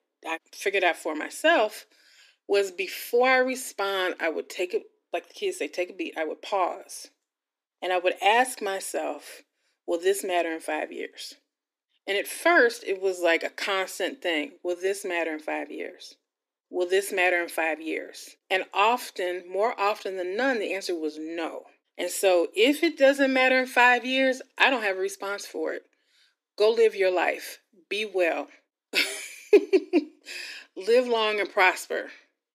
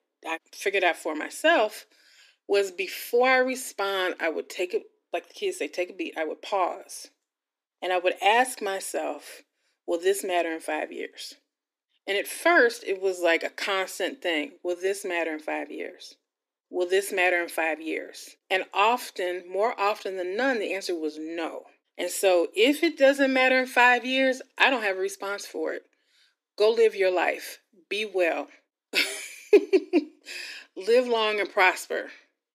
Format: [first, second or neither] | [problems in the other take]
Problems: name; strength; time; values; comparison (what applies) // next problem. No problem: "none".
neither | thin; somewhat; fading below 300 Hz; the same in both